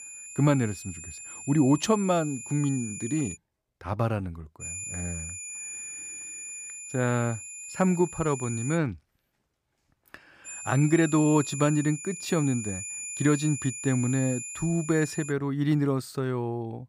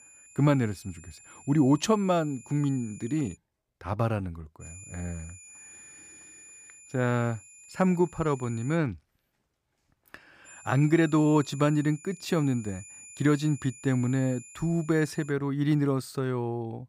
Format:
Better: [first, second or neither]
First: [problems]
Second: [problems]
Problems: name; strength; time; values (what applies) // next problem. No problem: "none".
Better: second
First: high-pitched whine; loud; until 3.5 s, from 4.5 to 9 s and from 10 to 15 s; 7 kHz, 9 dB below the speech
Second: high-pitched whine; faint; until 3.5 s, from 4.5 to 9 s and from 10 to 15 s; 7 kHz, 20 dB below the speech